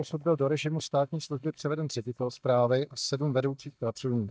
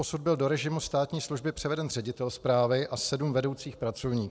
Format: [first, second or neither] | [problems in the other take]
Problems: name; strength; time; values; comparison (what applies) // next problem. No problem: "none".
second | noise reduction (neural mask model DeepFilterNet 3)